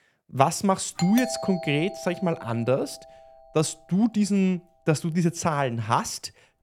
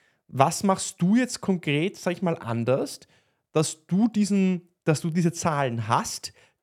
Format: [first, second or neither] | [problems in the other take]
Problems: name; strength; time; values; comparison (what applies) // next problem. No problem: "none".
second | doorbell; noticeable; from 1 to 3 s; peak 6 dB below the speech